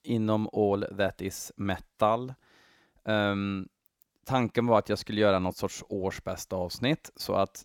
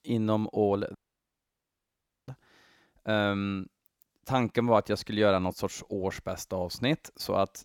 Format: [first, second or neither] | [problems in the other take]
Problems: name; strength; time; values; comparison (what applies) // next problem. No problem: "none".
first | audio cutting out; at 1 s for 1.5 s